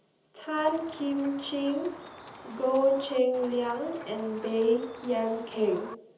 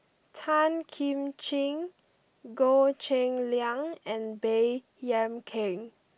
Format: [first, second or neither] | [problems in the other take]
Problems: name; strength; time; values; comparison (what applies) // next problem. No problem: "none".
second | background sound (Chicken, rooster); 16 dB below the speech // room echo; dies away in 1.2 s